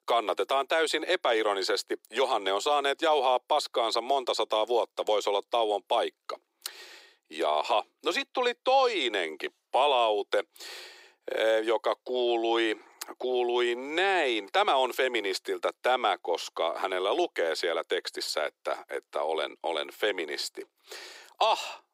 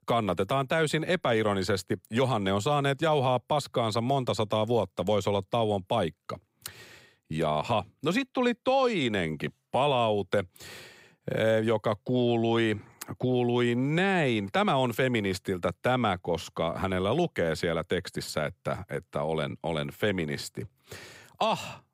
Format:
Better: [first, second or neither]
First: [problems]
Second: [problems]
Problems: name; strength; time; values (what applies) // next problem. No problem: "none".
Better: second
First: thin; very; fading below 350 Hz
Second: none